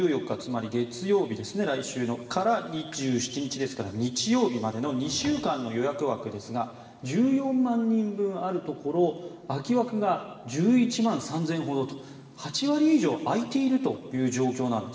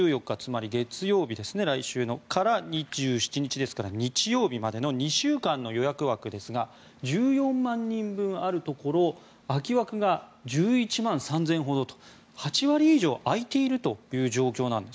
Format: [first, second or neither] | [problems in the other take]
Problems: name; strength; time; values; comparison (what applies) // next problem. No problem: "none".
second | background sound (Drawer open or close); 18 dB below the speech // room echo; dies away in 2.2 s